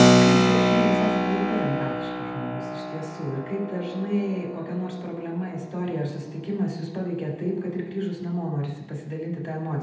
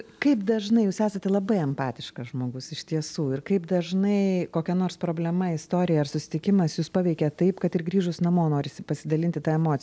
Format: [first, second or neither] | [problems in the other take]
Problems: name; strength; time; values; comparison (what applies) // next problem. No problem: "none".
second | background sound (Keyboard (musical)); 3 dB above the speech // room echo; dies away in 0.9 s